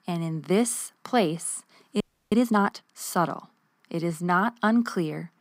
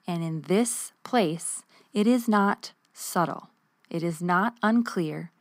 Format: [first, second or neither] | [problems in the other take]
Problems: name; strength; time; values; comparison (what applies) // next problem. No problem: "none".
second | audio freezing; at 2 s